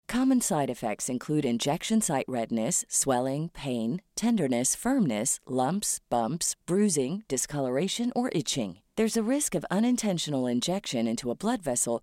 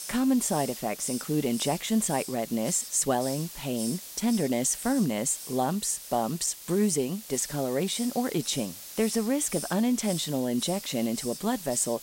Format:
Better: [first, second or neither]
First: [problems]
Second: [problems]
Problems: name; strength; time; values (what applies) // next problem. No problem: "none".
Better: first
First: none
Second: hiss; loud; throughout; 10 dB below the speech